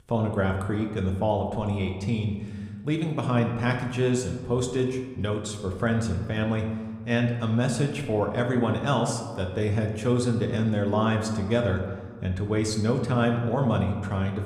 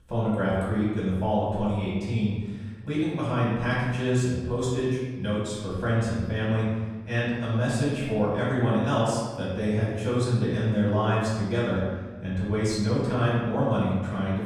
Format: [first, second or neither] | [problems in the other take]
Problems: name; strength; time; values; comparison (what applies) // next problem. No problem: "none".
first | room echo; strong; dies away in 1.2 s; slight in the first // off-mic speech; far